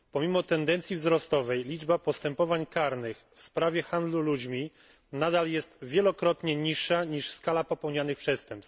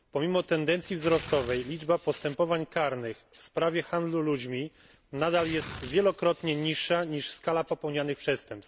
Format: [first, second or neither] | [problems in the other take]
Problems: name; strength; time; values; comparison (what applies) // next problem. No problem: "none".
first | background sound (Tearing); 19 dB below the speech